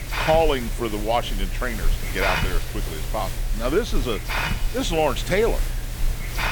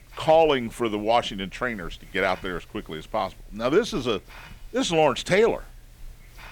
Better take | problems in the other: second | hiss; loud; throughout; 3 dB below the speech; faint in the second

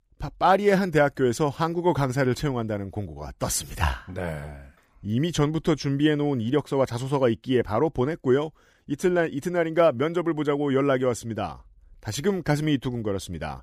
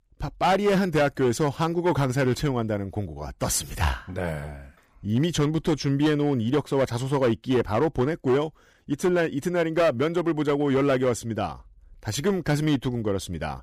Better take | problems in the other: first | distortion; slight; 7% of the sound clipped

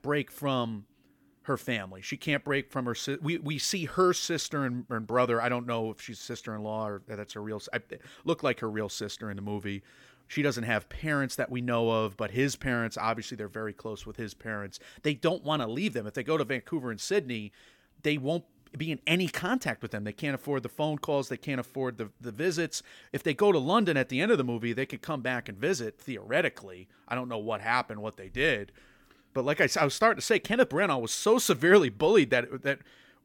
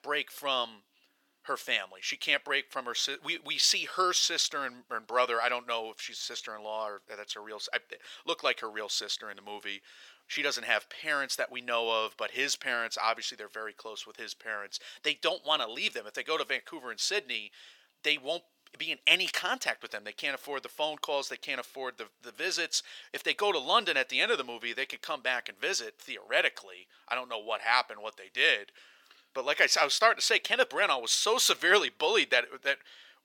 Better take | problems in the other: first | thin; very; fading below 700 Hz

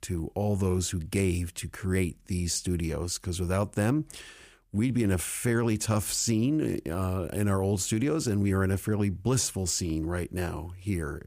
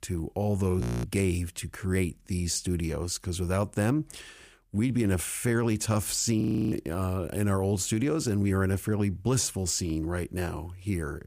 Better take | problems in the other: first | audio freezing; at 1 s and at 6.5 s

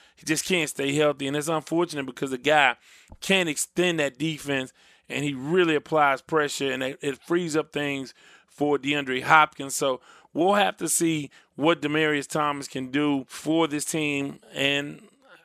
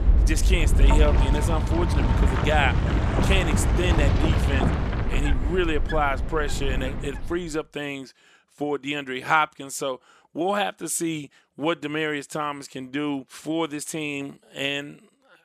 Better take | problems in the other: first | wind in the background; very loud; until 7 s; 4 dB above the speech

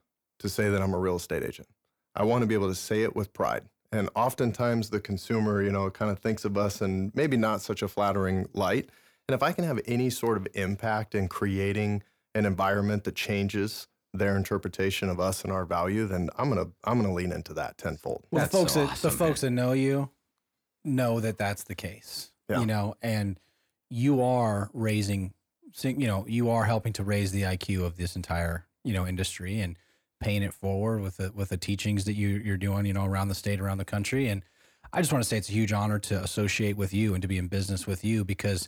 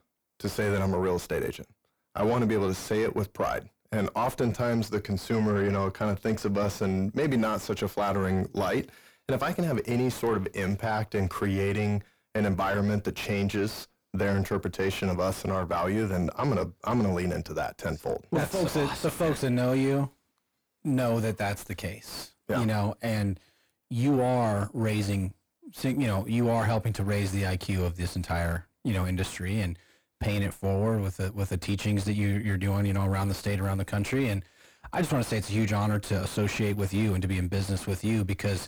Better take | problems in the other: first | distortion; slight; 10 dB below the speech

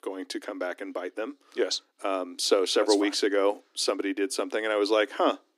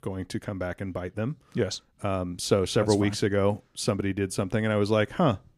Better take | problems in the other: second | thin; somewhat; fading below 300 Hz

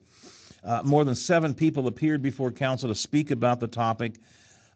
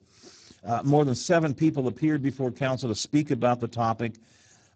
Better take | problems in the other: first | garbled, watery; badly; nothing above 7.5 kHz; slightly in the first

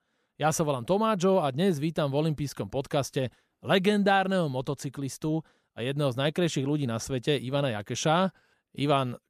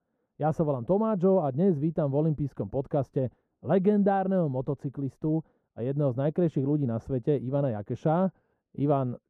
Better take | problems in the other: first | muffled; very; fading above 1.5 kHz

